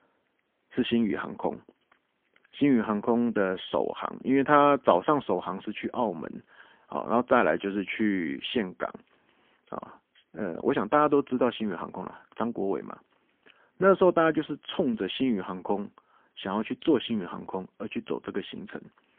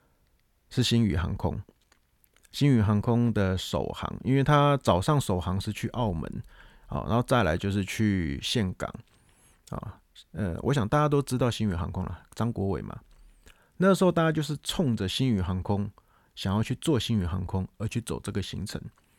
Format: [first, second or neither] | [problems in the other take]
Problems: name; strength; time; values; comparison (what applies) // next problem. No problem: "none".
second | phone-call audio; poor line; nothing above 3.5 kHz